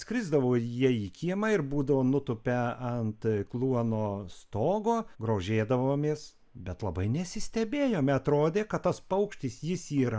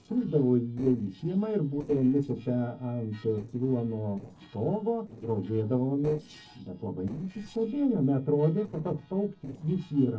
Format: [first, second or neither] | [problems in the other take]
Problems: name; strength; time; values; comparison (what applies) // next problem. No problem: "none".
first | noise reduction (neural separator model SepFormer DNS4)